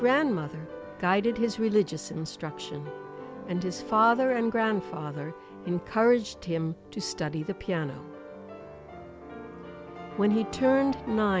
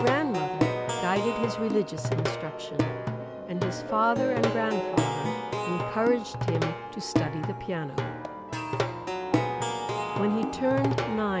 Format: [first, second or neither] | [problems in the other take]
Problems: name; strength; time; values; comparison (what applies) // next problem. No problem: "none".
first | background sound (Plucked string instrument); as loud as the speech